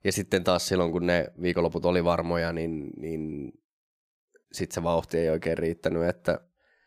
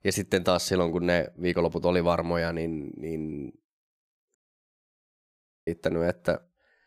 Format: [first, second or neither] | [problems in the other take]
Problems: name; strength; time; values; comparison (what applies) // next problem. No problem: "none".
first | audio cutting out; at 4.5 s for 1.5 s